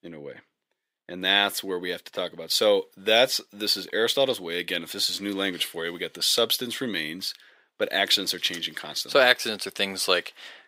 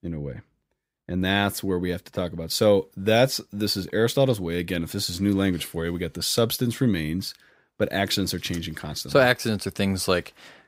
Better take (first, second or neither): second